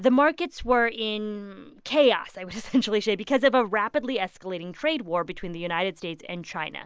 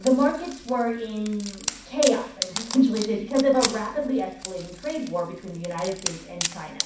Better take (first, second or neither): first